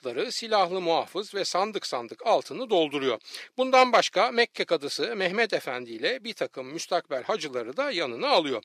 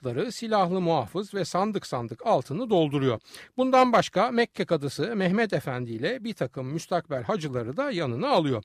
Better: second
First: thin; somewhat; fading below 400 Hz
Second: none

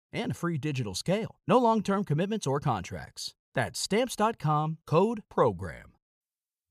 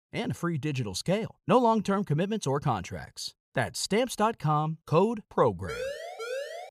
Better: first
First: none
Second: siren; noticeable; from 5.5 s on; peak 7 dB below the speech

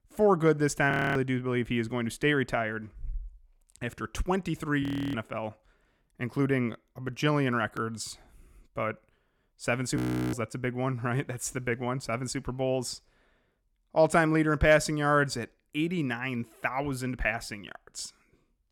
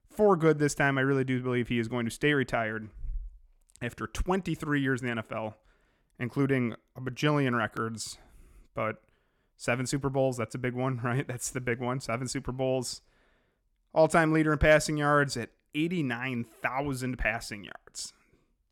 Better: second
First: audio freezing; at 1 s, at 5 s and at 10 s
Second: none

